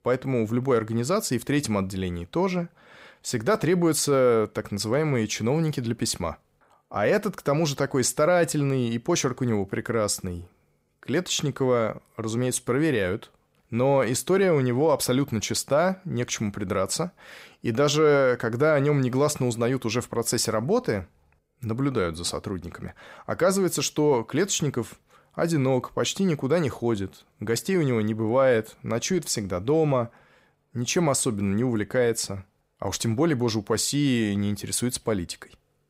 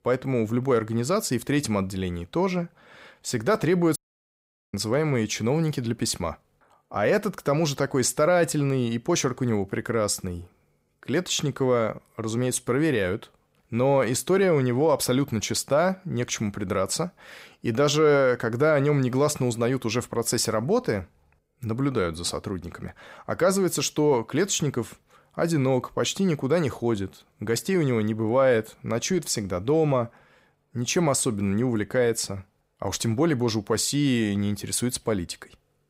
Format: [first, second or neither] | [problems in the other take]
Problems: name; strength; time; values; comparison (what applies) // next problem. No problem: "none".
first | audio cutting out; at 4 s for 1 s